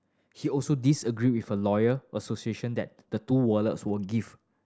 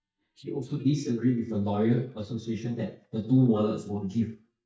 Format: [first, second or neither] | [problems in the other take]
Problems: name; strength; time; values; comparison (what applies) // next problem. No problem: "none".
first | noise reduction (neural mask model DeepFilterNet 3)